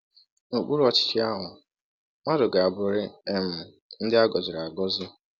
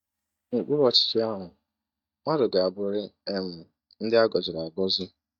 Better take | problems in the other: first | noise reduction (neural mask model DeepFilterNet 3)

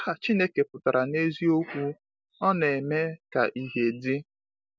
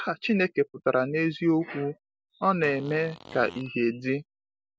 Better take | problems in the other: first | background sound (Fart); 18 dB below the speech

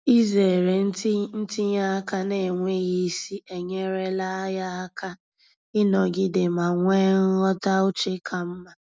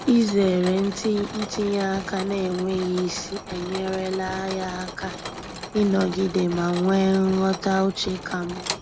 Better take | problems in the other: first | background sound (Mechanisms); 11 dB below the speech

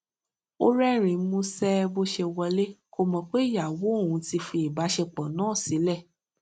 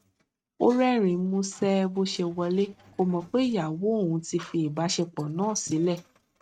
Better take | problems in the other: first | noise reduction (neural mask model RNNoise)

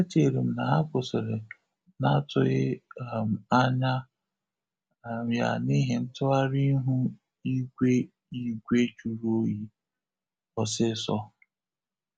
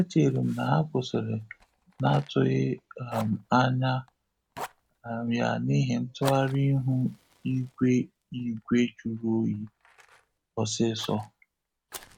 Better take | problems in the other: first | background sound (Fire); 19 dB below the speech

